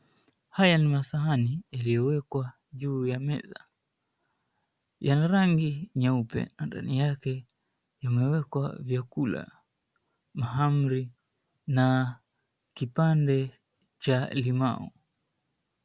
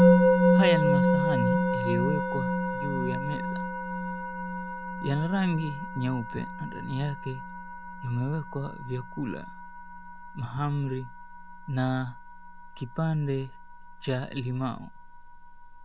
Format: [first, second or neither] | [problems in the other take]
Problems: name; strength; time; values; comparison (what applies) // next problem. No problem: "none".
first | background sound (Musical instrument); 4 dB above the speech